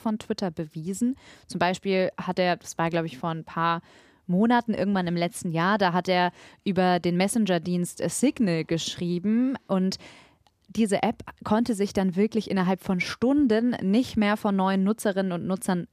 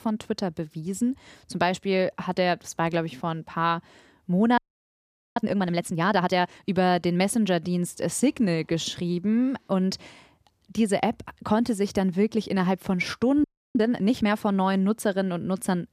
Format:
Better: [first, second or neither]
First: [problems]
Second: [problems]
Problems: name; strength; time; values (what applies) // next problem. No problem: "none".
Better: first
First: none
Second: audio freezing; at 4.5 s for 1 s and at 13 s